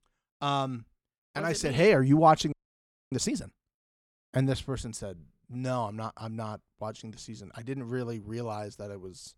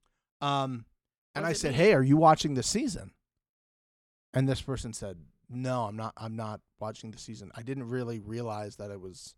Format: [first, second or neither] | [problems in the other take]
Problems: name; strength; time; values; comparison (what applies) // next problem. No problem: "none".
second | audio freezing; at 2.5 s for 0.5 s